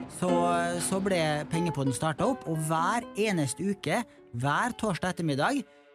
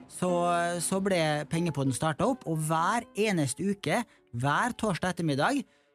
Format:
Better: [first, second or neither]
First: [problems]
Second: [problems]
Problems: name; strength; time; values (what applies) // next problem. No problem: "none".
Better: second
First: background music; loud; throughout; 9 dB below the speech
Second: background music; faint; throughout; 20 dB below the speech